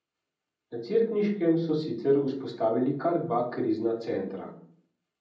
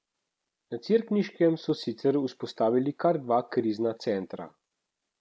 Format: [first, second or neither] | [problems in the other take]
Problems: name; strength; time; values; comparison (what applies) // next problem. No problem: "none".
second | room echo; dies away in 0.6 s